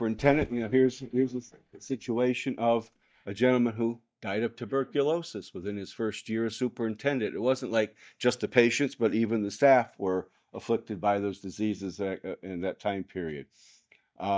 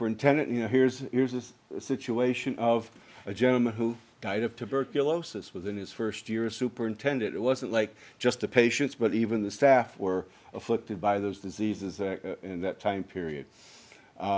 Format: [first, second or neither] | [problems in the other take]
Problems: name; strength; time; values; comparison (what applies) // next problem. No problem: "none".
second | noise reduction (neural mask model DeepFilterNet 3)